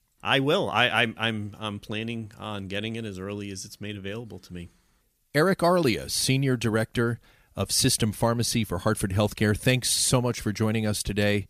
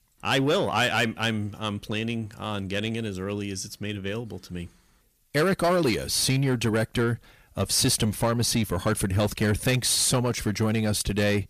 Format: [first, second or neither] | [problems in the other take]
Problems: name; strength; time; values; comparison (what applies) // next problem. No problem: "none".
first | distortion; slight; 10 dB below the speech